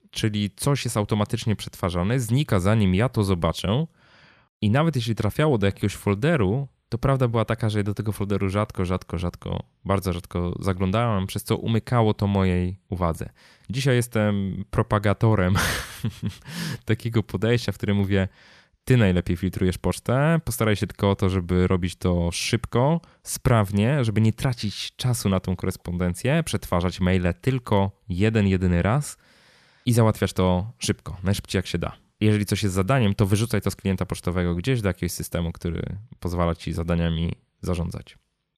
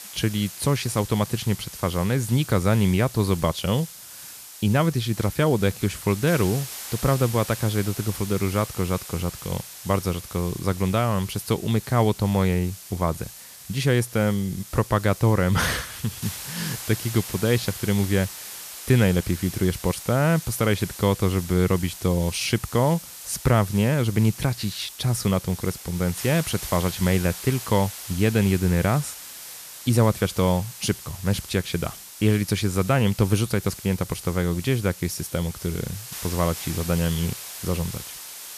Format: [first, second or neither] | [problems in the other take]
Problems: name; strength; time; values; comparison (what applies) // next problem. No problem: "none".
first | hiss; noticeable; throughout; 10 dB below the speech